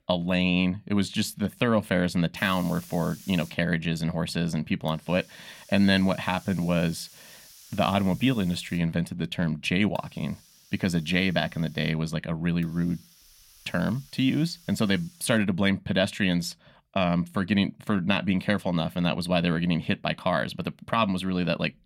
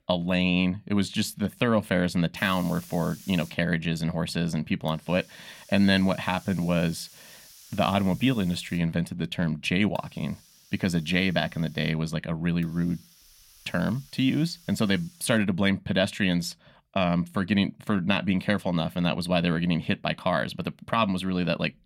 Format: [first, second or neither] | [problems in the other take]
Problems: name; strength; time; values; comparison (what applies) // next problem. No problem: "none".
neither | hiss; faint; from 2.5 to 15 s; 25 dB below the speech; the same in both